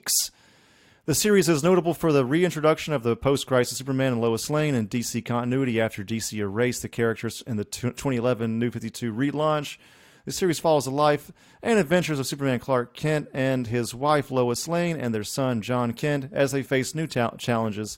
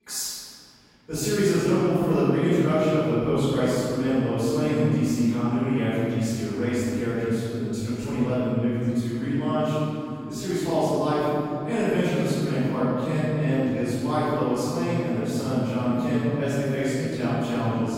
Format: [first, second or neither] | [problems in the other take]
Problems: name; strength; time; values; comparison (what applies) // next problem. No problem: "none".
first | off-mic speech; far // room echo; strong; dies away in 3 s